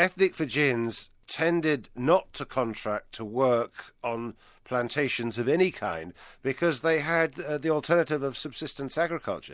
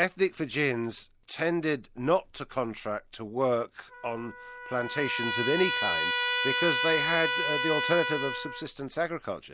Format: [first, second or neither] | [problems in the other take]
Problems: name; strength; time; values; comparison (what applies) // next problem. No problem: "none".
first | background sound (Trumpet); 3 dB below the speech